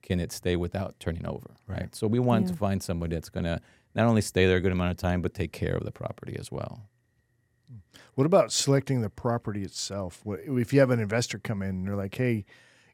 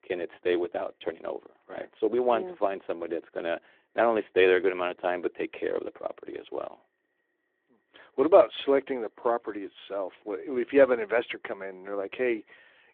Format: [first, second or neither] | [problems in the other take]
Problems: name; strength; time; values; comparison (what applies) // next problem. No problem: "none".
first | phone-call audio; nothing above 3.5 kHz